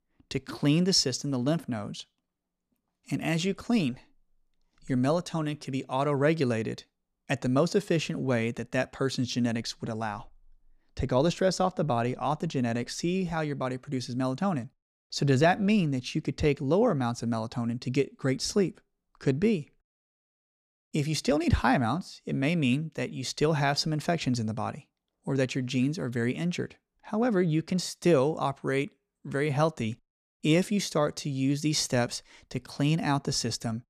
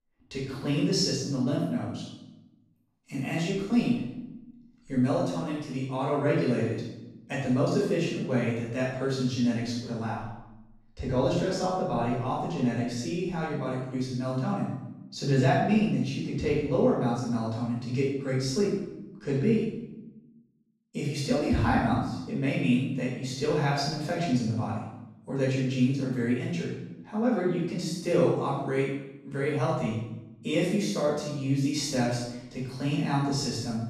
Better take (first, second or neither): first